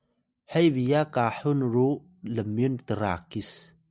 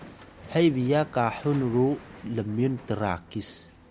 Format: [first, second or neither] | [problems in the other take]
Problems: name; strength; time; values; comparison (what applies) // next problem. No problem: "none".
first | background sound (Hammer); 20 dB below the speech